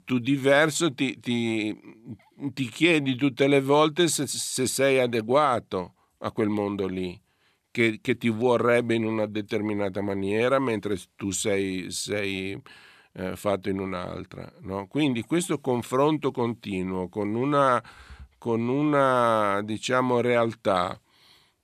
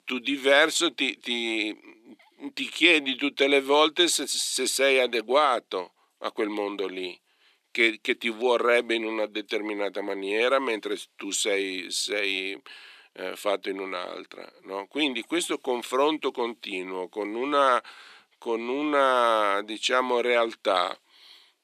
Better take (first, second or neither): first